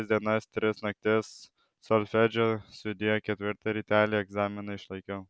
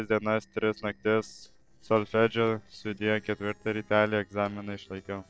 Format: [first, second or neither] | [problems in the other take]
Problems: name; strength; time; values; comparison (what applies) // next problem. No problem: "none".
first | noise reduction (neural separator model SepFormer DNS4)